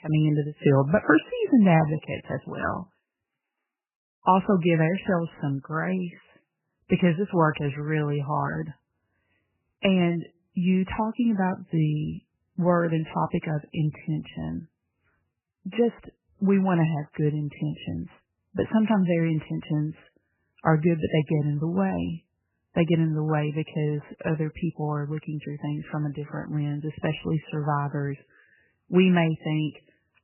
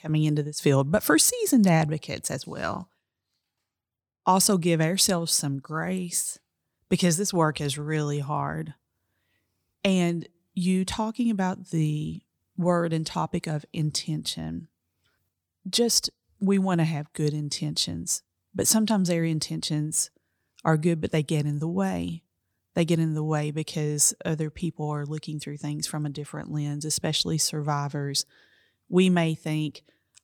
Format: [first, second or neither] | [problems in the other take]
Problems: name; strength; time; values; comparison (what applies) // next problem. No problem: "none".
second | garbled, watery; badly; nothing above 3 kHz